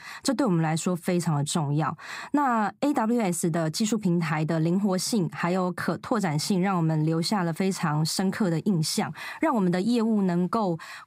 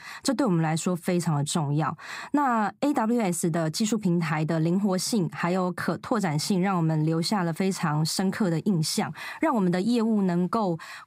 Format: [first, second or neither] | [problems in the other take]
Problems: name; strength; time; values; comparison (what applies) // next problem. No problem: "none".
neither | none